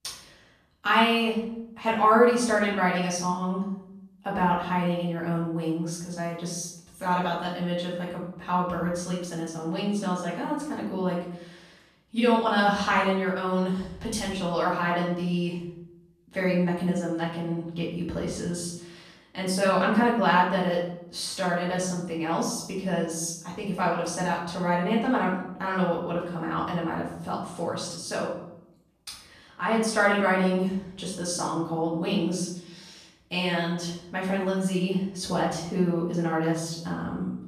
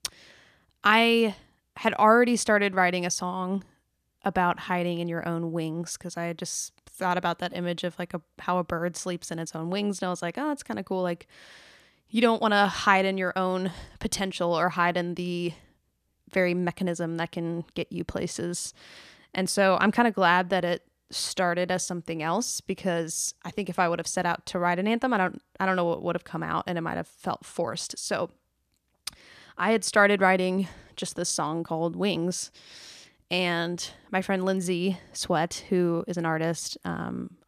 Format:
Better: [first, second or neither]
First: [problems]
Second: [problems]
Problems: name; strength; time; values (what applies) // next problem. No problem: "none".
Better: second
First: room echo; noticeable; dies away in 0.7 s // off-mic speech; far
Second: none